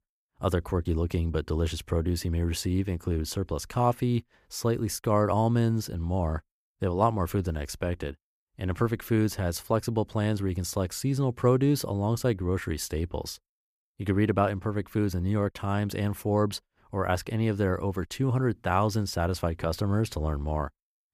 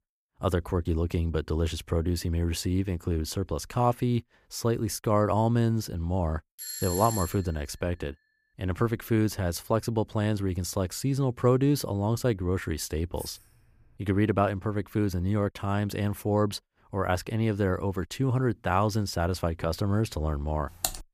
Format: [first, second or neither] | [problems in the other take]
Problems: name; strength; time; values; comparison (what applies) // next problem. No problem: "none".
first | doorbell; noticeable; at 6.5 s; peak 4 dB below the speech // jangling keys; faint; at 13 s; peak 15 dB below the speech // keyboard typing; noticeable; at 21 s; peak 4 dB below the speech